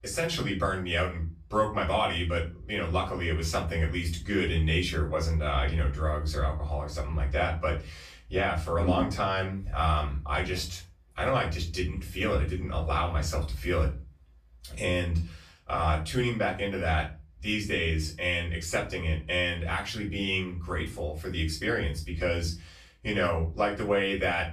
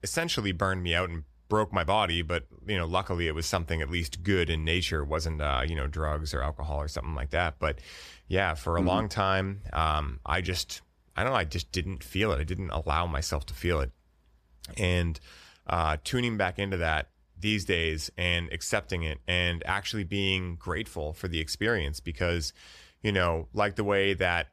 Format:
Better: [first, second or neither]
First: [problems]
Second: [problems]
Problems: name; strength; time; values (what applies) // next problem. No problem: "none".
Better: second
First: off-mic speech; far // room echo; slight; dies away in 0.3 s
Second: none